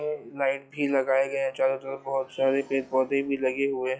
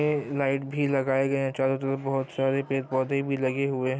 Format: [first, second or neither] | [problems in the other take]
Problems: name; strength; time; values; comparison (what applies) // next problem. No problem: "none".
second | noise reduction (classical method log-MMSE)